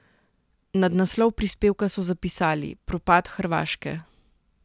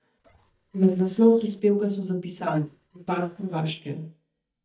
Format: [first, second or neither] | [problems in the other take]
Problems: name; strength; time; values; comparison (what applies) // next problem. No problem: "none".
first | noise reduction (neural mask model DeepFilterNet 3)